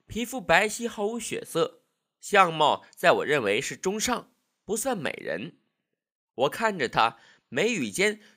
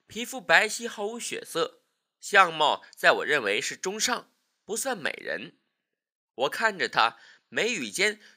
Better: first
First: none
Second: thin; very slightly; fading below 650 Hz

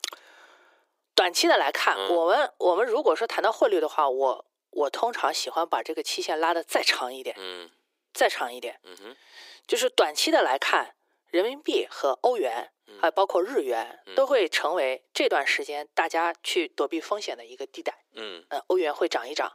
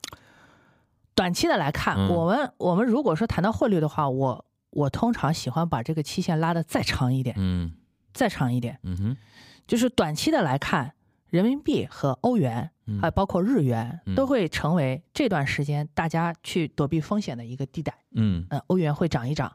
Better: second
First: thin; very; fading below 350 Hz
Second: none

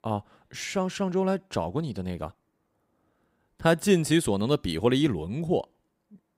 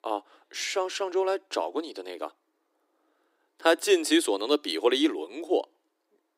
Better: first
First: none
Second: thin; somewhat; fading below 300 Hz

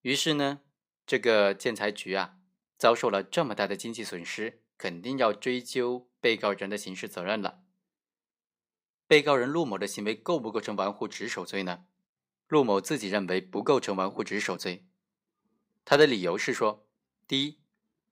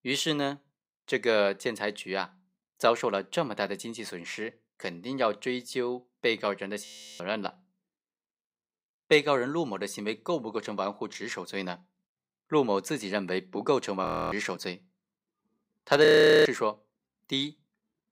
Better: first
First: none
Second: audio freezing; at 7 s, at 14 s and at 16 s

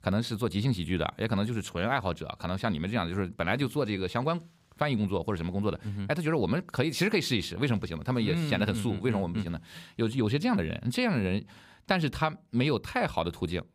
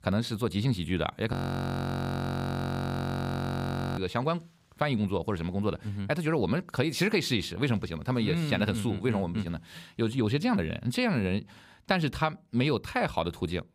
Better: first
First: none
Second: audio freezing; at 1.5 s for 2.5 s

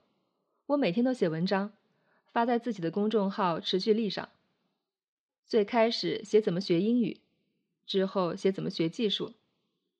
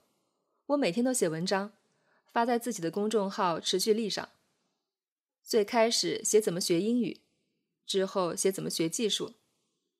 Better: second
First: muffled; very slightly; fading above 4 kHz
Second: none

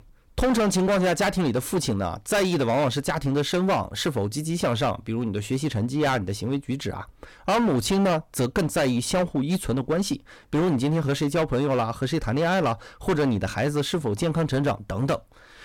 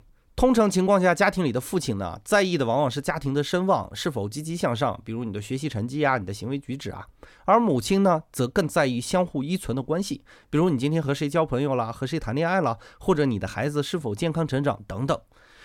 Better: second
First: distortion; heavy; 14% of the sound clipped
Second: none

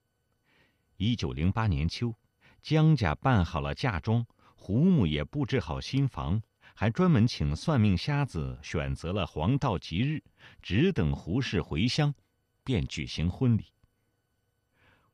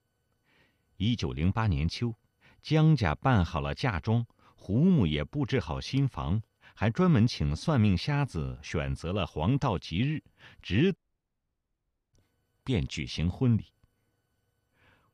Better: first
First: none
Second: audio cutting out; at 11 s for 1 s

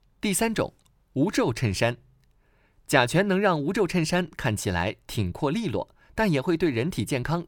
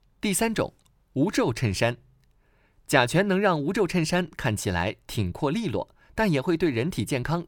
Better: neither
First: none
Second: none

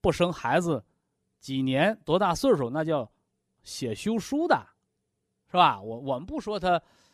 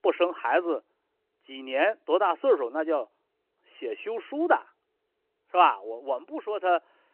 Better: first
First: none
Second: phone-call audio

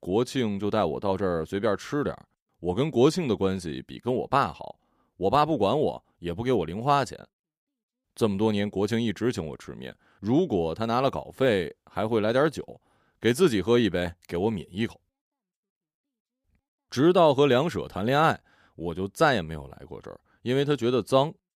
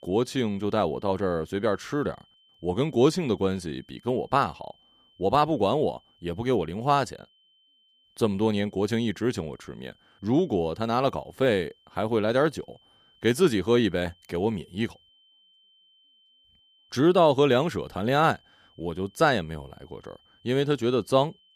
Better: first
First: none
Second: high-pitched whine; faint; throughout; 3 kHz, 35 dB below the speech

